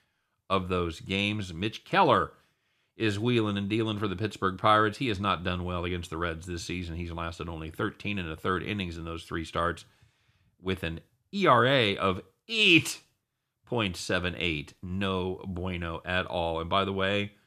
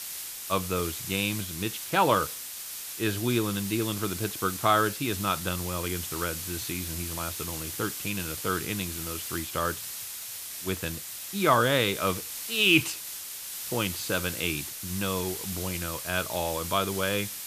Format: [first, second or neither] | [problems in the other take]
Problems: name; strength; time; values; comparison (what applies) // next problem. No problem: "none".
first | hiss; loud; throughout; 5 dB below the speech